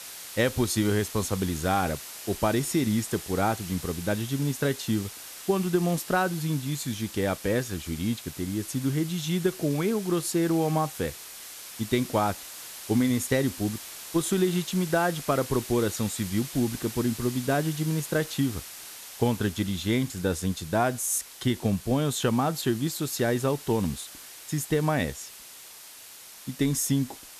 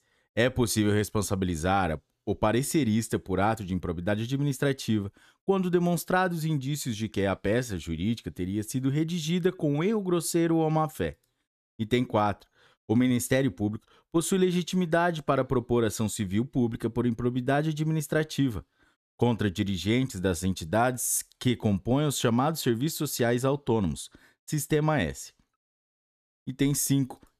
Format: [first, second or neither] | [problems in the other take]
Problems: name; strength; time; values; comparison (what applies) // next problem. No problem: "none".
second | hiss; noticeable; throughout; 10 dB below the speech